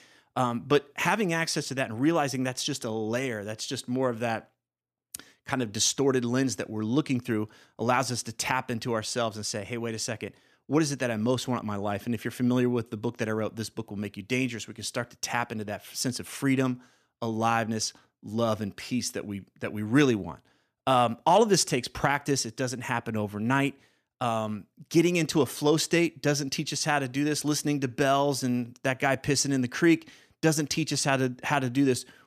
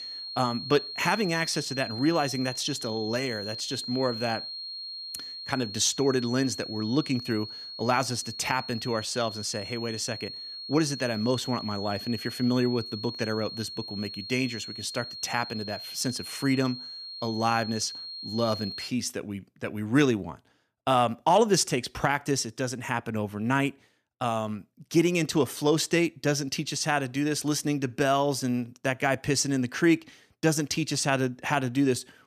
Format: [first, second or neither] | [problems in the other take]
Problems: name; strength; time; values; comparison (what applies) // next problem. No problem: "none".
first | high-pitched whine; loud; until 19 s; 4.5 kHz, 9 dB below the speech